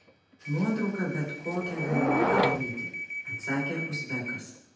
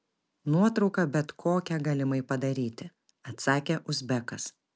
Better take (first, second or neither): second